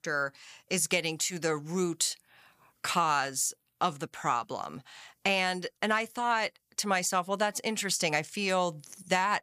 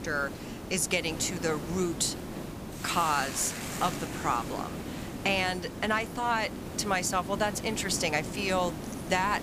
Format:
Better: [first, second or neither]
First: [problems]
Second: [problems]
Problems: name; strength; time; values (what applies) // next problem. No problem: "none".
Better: first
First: none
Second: hiss; loud; throughout; 8 dB below the speech